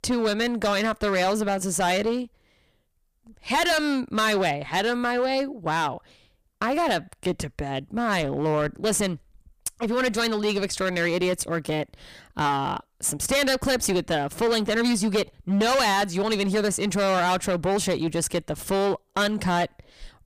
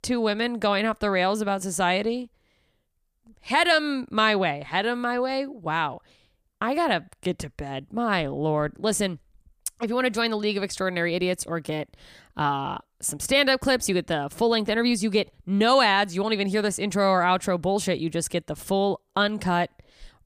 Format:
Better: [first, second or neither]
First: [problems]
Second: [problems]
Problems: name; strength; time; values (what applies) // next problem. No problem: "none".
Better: second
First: distortion; heavy; 13% of the sound clipped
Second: none